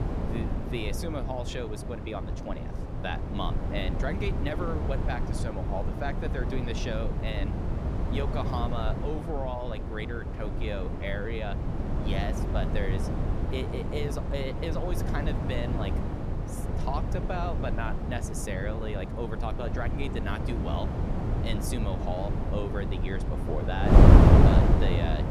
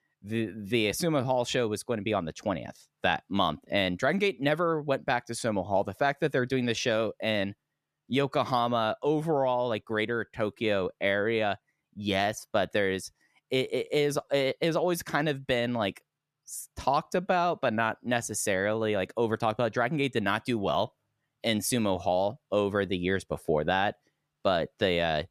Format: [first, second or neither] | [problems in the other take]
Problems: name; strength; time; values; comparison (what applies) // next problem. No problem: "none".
second | wind noise on the microphone; heavy; as loud as the speech